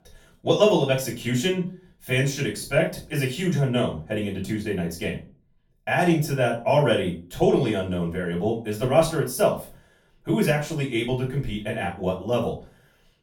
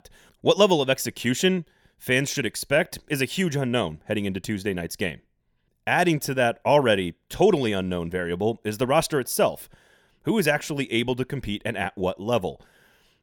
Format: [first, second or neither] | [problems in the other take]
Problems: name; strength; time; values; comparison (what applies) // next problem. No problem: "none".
second | off-mic speech; far // room echo; slight; dies away in 0.3 s